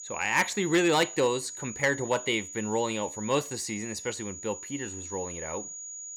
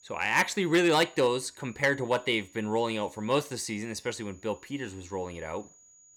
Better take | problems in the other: second | high-pitched whine; loud; throughout; 7 kHz, 9 dB below the speech; faint in the second

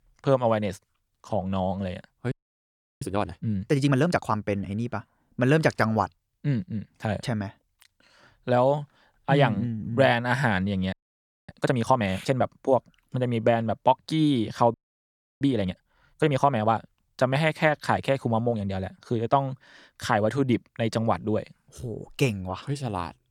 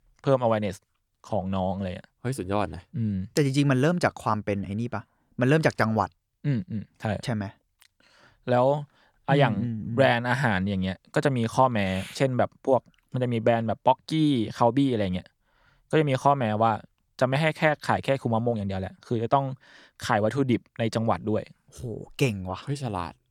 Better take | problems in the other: second | audio freezing; at 2.5 s for 0.5 s, at 11 s for 0.5 s and at 15 s for 0.5 s

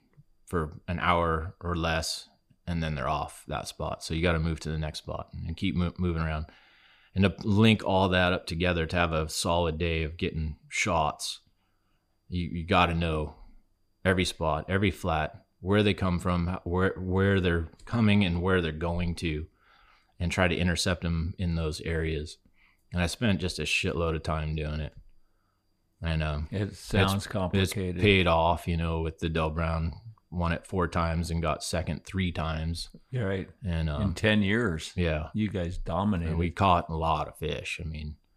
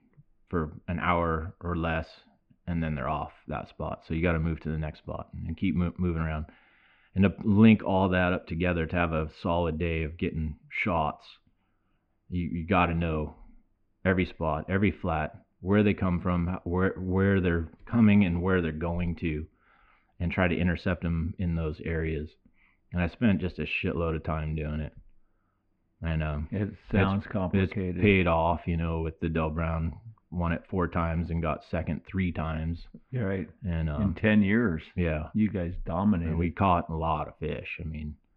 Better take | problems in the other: first | muffled; very; fading above 2.5 kHz

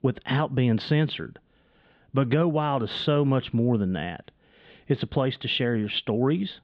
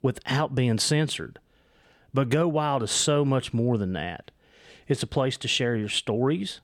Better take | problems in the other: second | muffled; very; fading above 3.5 kHz

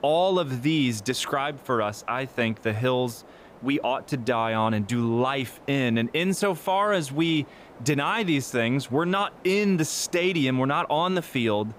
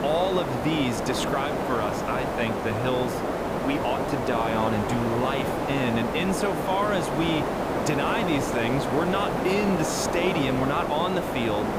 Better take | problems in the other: first | hiss; loud; throughout; as loud as the speech; faint in the first

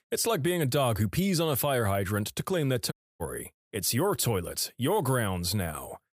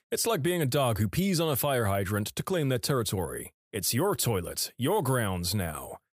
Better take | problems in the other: second | audio cutting out; at 3 s

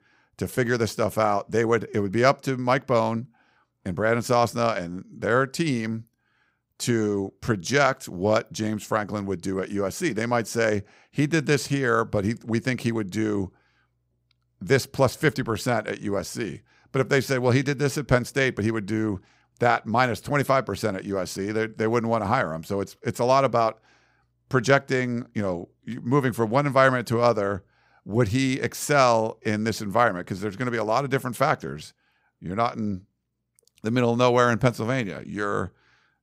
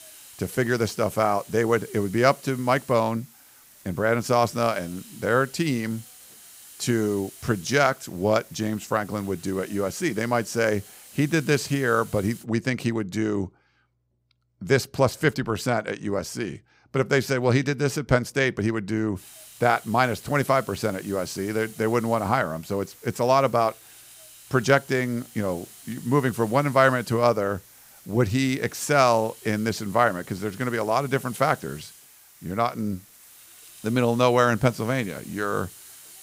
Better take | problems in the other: first | hiss; faint; until 12 s and from 19 s on; 20 dB below the speech

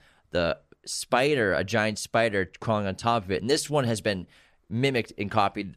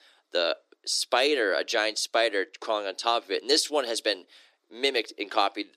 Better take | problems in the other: first | thin; somewhat; fading below 300 Hz

